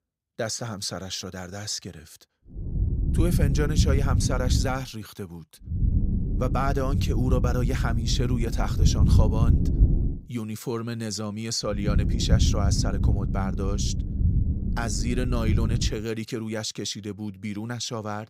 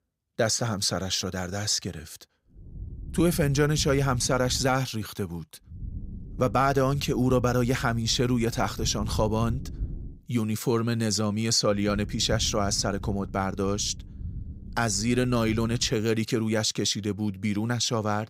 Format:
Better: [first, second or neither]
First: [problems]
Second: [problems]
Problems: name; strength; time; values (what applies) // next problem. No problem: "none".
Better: second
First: low rumble; loud; from 2.5 to 4.5 s, from 6 to 10 s and from 12 to 16 s; 7 dB below the speech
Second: low rumble; faint; from 2.5 to 4.5 s, from 6 to 10 s and from 12 to 16 s; 25 dB below the speech